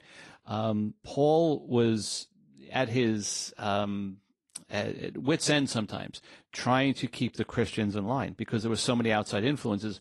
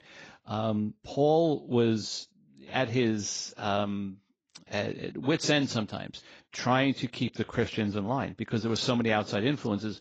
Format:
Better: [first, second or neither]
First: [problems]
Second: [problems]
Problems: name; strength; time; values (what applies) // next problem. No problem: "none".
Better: first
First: garbled, watery; slightly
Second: garbled, watery; badly